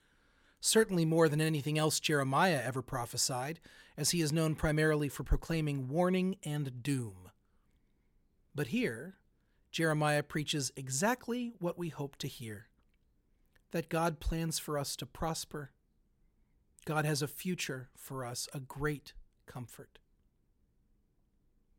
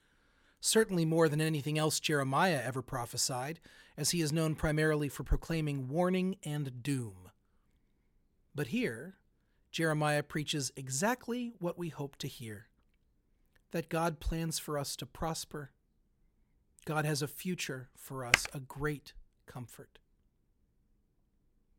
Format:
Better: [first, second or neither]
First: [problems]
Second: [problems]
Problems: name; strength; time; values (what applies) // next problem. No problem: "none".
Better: first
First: none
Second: keyboard typing; very faint; at 18 s; peak 5 dB above the speech